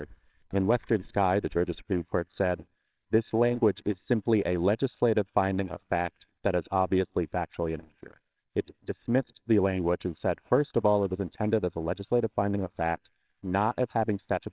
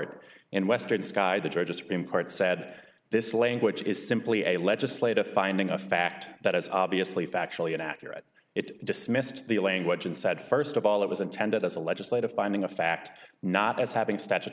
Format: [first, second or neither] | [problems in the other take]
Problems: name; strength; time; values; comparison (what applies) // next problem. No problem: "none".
second | noise reduction (neural separator model SepFormer WHAMR!)